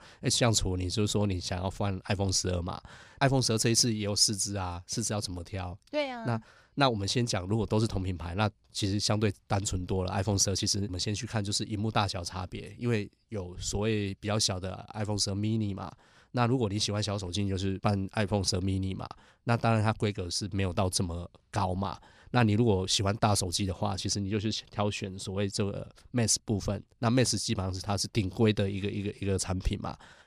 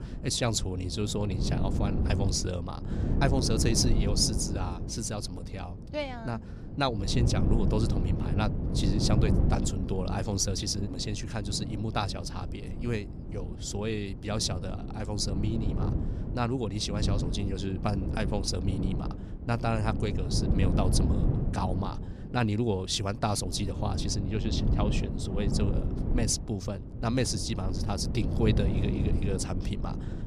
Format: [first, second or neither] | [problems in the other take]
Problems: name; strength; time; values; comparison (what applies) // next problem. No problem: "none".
first | wind noise on the microphone; heavy; 7 dB below the speech